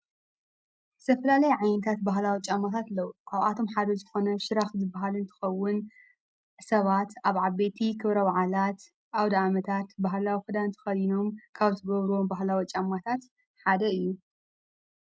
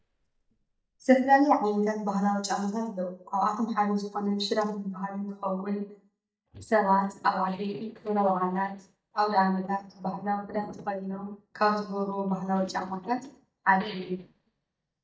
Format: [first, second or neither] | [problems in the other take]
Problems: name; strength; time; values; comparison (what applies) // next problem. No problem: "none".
first | noise reduction (neural mask model DeepFilterNet 3)